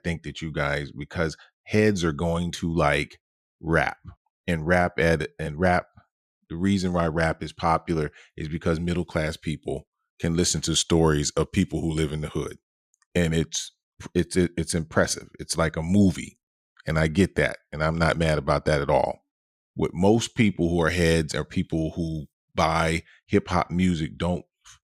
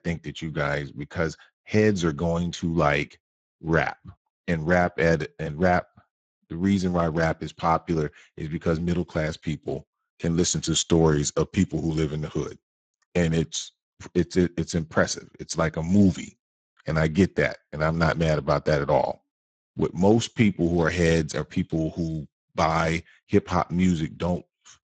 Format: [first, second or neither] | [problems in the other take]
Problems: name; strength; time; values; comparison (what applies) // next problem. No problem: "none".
first | garbled, watery; badly; nothing above 7.5 kHz